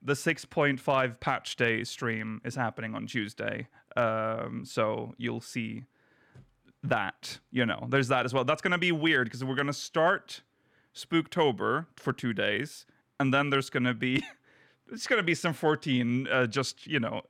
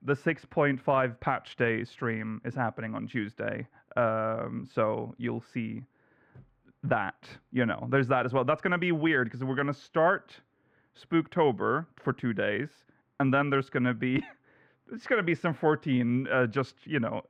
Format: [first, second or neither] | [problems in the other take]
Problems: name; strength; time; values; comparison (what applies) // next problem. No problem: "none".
first | muffled; very; fading above 3.5 kHz